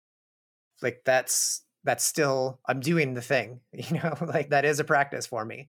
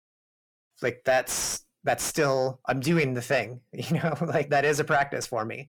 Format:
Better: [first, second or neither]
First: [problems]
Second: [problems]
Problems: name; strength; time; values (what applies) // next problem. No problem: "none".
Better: first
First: none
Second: distortion; slight; 10 dB below the speech